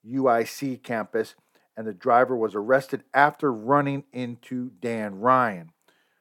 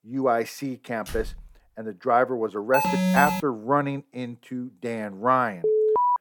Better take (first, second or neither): first